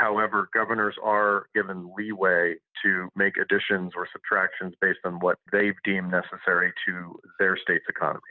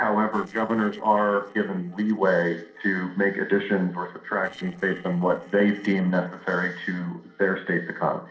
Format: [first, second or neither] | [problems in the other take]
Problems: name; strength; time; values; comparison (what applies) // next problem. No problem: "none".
first | noise reduction (neural separator model SepFormer DNS4)